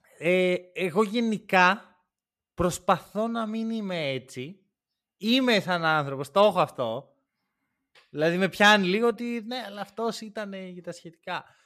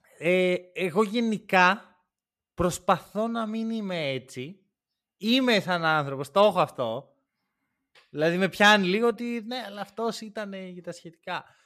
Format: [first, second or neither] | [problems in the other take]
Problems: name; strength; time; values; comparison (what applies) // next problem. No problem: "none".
neither | none